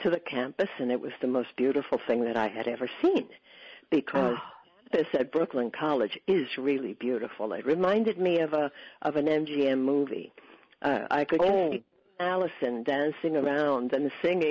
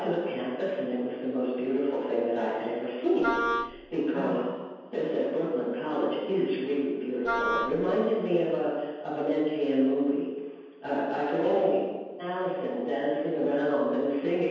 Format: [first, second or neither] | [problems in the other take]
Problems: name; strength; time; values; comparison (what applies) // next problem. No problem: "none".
first | background sound (Wind instrument, woodwind instrument); 2 dB below the speech // room echo; dies away in 1.2 s